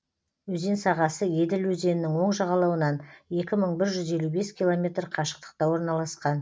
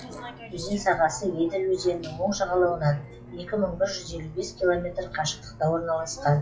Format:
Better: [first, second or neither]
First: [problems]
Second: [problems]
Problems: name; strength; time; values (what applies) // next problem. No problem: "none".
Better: first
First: none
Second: noise reduction (classical method WPE with log-MMSE)